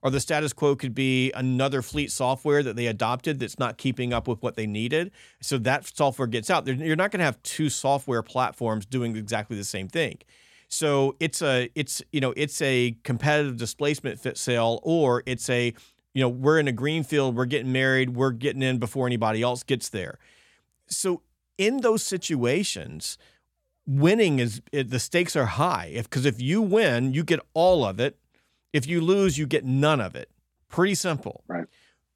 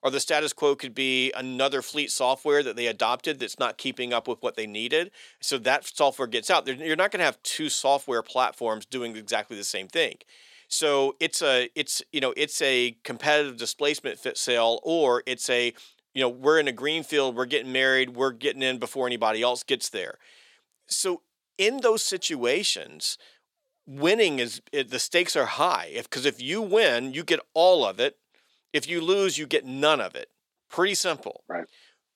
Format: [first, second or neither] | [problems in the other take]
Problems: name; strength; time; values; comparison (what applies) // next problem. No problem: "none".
first | thin; somewhat; fading below 450 Hz